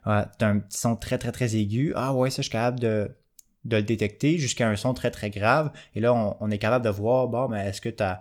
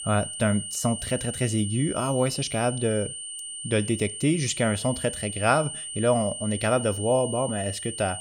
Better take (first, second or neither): first